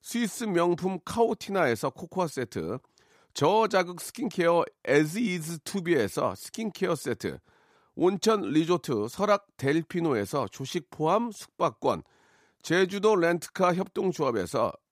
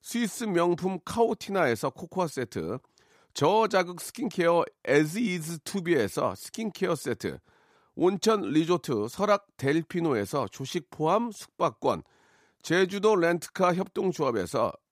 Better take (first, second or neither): neither